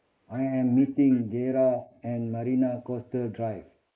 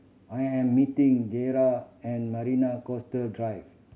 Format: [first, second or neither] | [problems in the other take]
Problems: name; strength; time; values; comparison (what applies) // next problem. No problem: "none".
second | noise reduction (neural mask model Resemble Enhance denoiser)